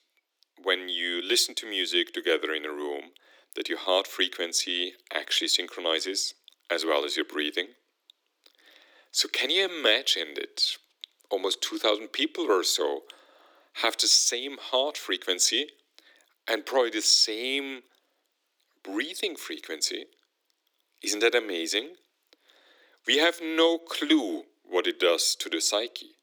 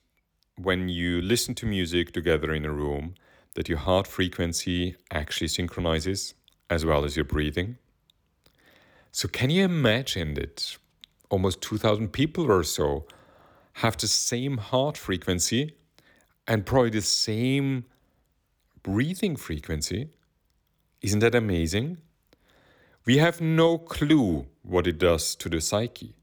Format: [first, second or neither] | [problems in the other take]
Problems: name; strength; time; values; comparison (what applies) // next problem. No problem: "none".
second | thin; somewhat; fading below 300 Hz